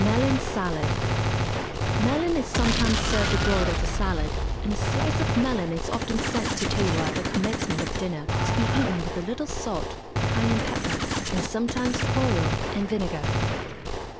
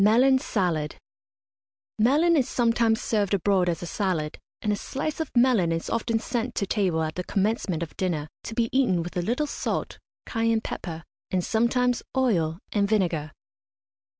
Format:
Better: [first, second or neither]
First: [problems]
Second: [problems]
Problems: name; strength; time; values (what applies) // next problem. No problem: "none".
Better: second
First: background sound (Gunshot, gunfire); 3 dB above the speech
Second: none